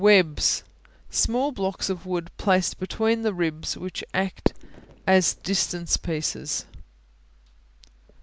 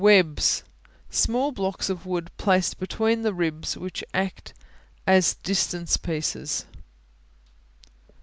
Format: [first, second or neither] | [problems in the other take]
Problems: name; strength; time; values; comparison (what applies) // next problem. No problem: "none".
second | background sound (Fireworks); 14 dB below the speech